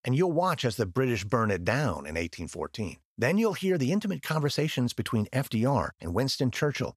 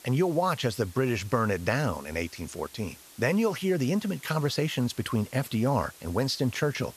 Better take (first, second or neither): first